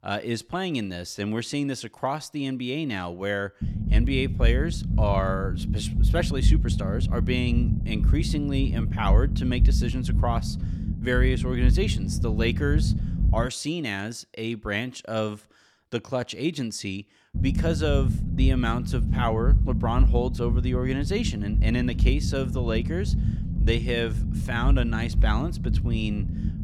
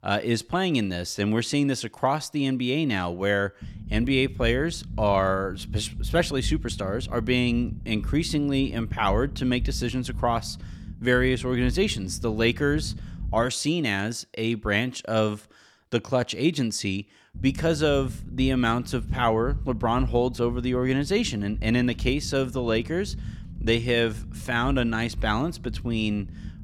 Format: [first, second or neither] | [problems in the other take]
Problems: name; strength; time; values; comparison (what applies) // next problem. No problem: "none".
second | low rumble; loud; from 3.5 to 13 s and from 17 s on; 9 dB below the speech; faint in the second